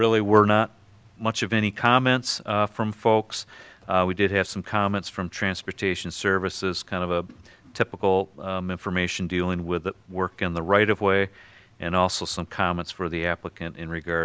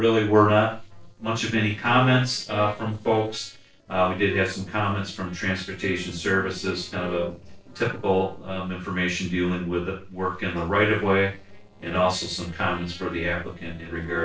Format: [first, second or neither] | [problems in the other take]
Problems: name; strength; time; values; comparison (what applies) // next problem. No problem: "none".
first | noise reduction (neural separator model SepFormer DNS4)